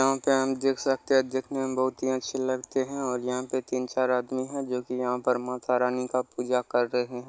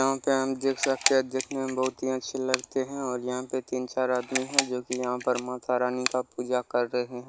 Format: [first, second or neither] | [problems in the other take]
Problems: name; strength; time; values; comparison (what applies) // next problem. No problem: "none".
first | background sound (Camera); 7 dB below the speech